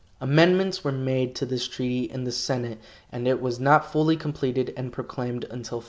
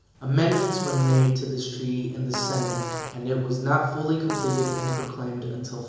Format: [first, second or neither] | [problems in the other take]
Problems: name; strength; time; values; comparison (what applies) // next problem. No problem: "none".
first | background sound (Fart); 9 dB below the speech // room echo; dies away in 1 s